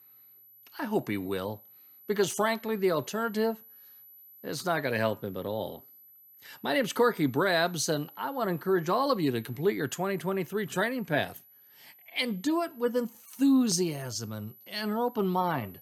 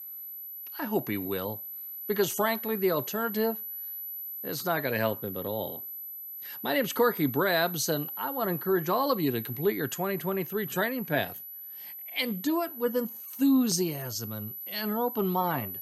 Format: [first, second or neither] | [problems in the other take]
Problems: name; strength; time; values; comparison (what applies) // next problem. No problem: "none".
first | high-pitched whine; loud; throughout; 12 kHz, 7 dB below the speech; faint in the first